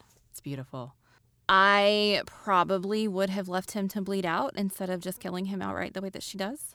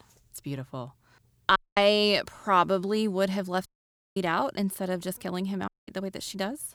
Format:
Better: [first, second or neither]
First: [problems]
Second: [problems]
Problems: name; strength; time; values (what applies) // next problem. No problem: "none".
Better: first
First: none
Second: audio cutting out; at 1.5 s, at 3.5 s for 0.5 s and at 5.5 s